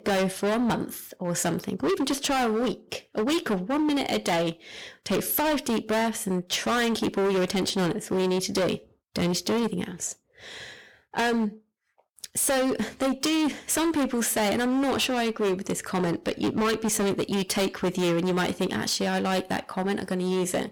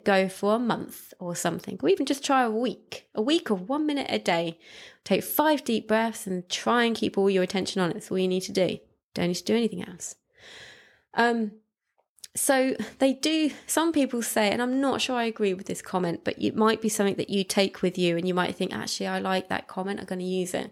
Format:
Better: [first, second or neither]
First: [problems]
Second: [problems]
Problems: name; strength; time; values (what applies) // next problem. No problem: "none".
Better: second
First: distortion; heavy; 21% of the sound clipped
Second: none